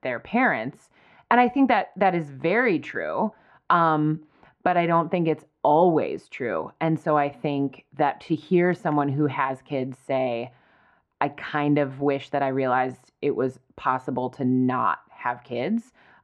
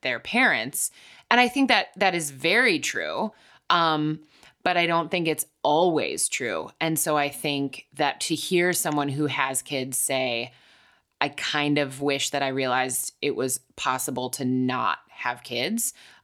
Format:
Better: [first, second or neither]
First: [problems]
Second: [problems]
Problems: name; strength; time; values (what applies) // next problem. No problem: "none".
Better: second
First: muffled; very; fading above 1 kHz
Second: none